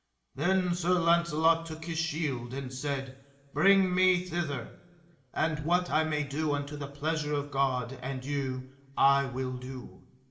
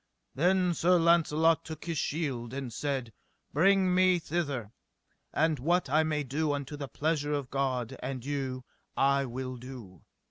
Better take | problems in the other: second | room echo; dies away in 1.3 s

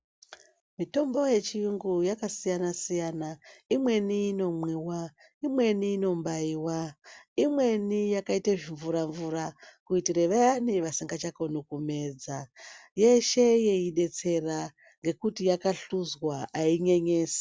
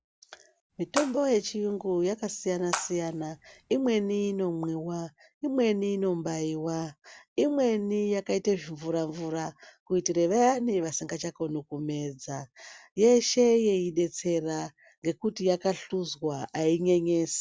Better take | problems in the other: first | background sound (Water / Splash, splatter); 12 dB below the speech

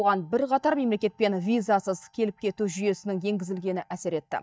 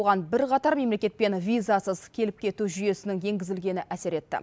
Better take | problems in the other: second | noise reduction (neural mask model DeepFilterNet 3)

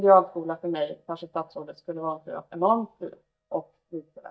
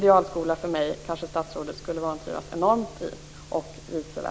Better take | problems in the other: second | noise reduction (neural mask model DeepFilterNet 3)

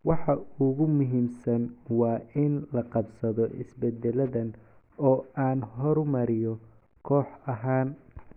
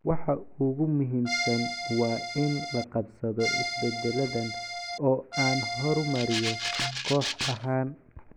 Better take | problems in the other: first | background sound (Rattle (instrument) + Accordion); 3 dB below the speech

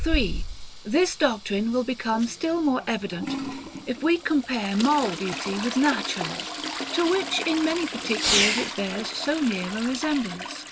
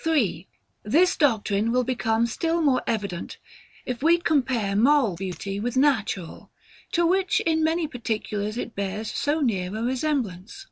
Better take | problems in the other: second | background sound (Trickle, dribble / Toilet flush + Fireworks); 5 dB below the speech

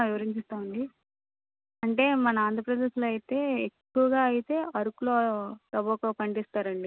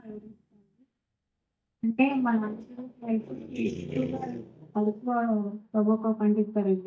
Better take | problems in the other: first | noise reduction (neural mask model DeepFilterNet 3)

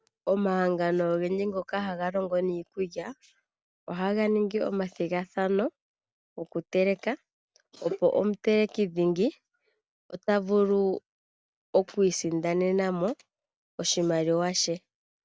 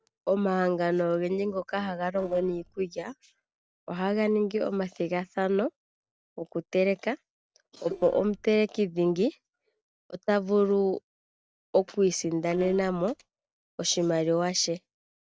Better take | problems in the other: first | noise reduction (neural separator model SepFormer DNS4)

